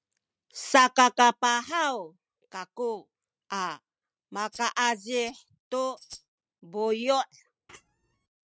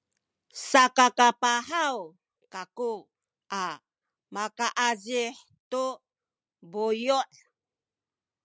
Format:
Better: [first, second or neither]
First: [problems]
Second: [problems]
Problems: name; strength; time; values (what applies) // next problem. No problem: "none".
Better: second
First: noise reduction (neural mask model RNNoise)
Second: none